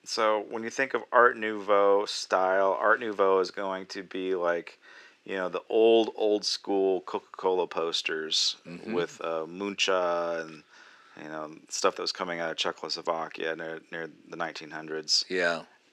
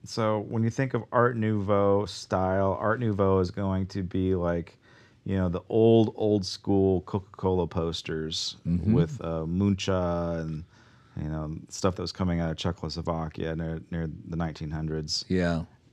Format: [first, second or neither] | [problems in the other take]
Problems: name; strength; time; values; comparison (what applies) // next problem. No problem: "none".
second | thin; very; fading below 400 Hz